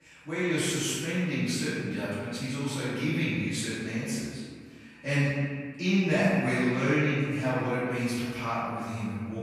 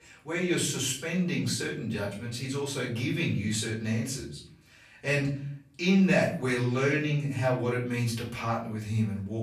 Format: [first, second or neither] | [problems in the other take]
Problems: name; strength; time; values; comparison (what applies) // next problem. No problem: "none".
second | room echo; strong; dies away in 1.7 s; slight in the second // off-mic speech; far; far in the second